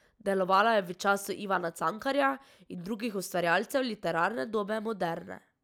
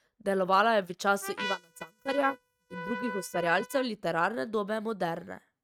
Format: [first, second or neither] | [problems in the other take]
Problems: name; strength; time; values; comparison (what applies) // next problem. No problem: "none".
first | noise reduction (neural mask model RNNoise)